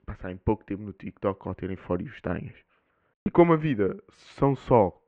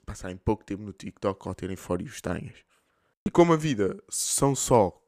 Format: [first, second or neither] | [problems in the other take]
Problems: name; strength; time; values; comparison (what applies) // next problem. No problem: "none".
second | muffled; very; fading above 2.5 kHz